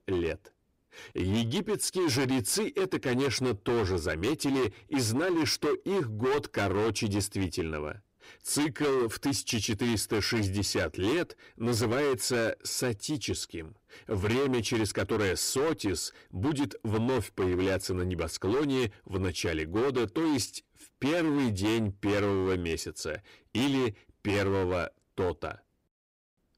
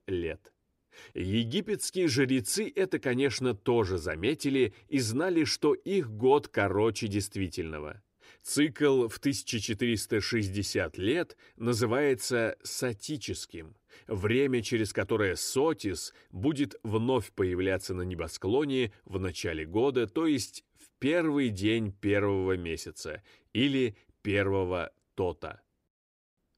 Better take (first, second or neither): second